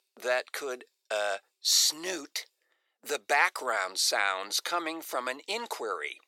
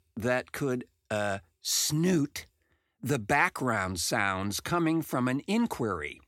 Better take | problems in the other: second | thin; very; fading below 500 Hz

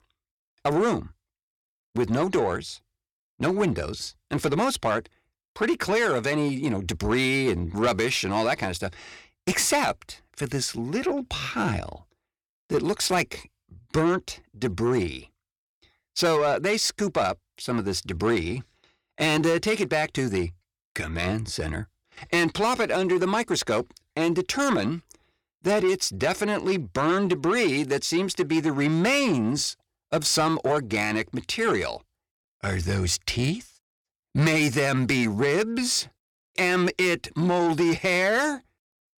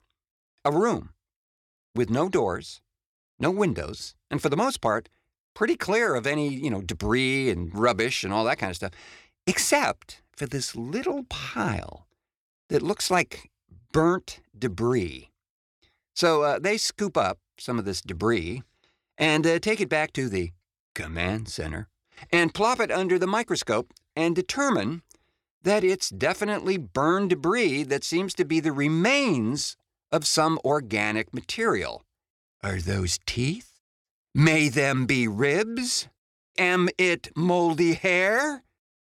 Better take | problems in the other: second | distortion; slight; 10 dB below the speech

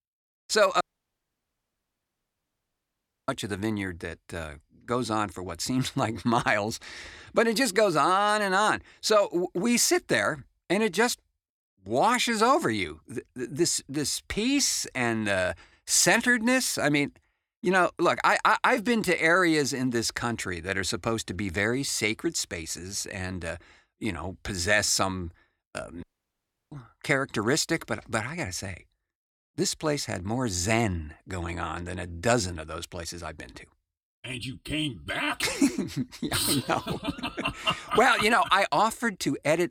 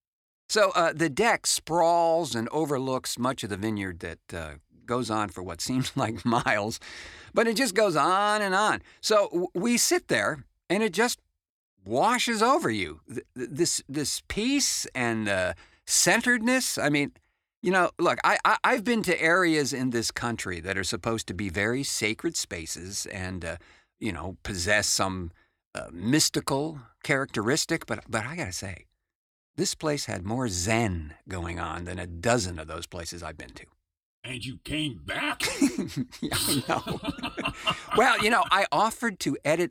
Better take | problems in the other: second | audio cutting out; at 1 s for 2.5 s and at 26 s for 0.5 s

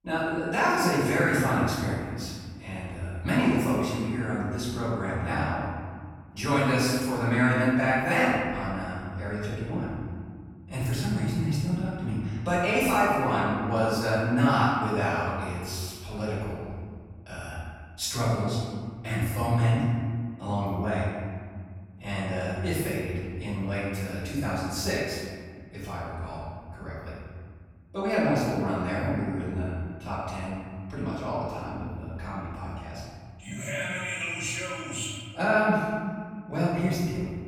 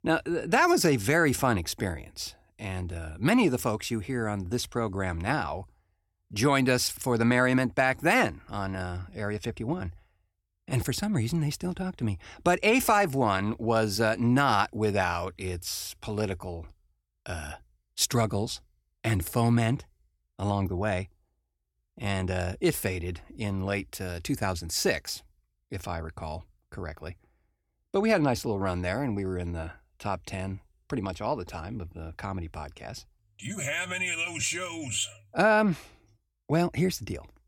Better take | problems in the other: second | off-mic speech; far // room echo; strong; dies away in 1.9 s

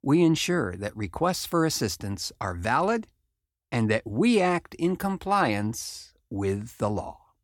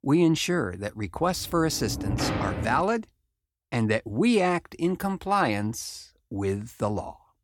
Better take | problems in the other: first | door banging; noticeable; from 1 to 3 s; peak 1 dB below the speech

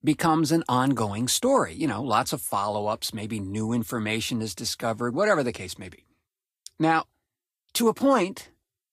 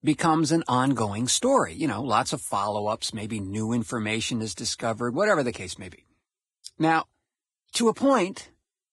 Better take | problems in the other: first | garbled, watery; badly; nothing above 11 kHz; slightly in the first

